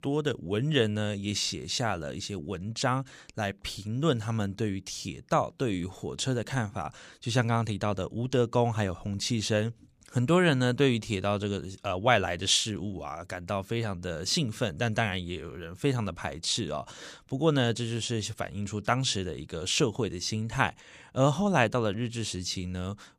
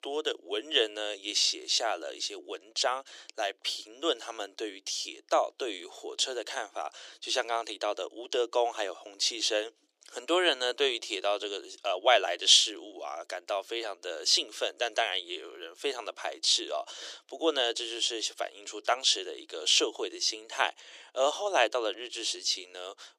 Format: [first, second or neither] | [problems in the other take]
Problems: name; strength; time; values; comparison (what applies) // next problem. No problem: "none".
first | thin; very; fading below 300 Hz